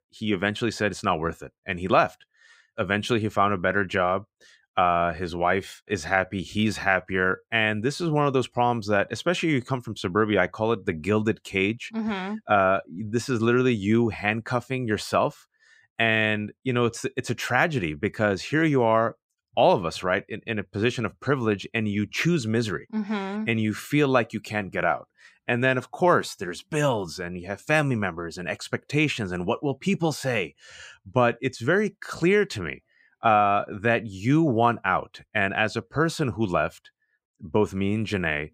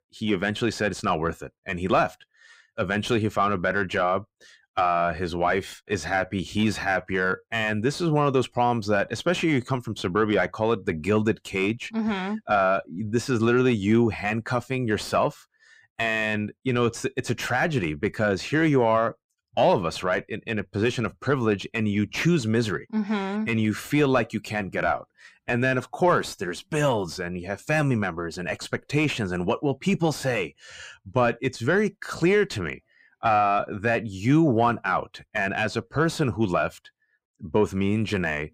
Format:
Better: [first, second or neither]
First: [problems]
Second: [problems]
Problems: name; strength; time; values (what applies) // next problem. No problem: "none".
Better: first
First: none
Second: distortion; slight; 10 dB below the speech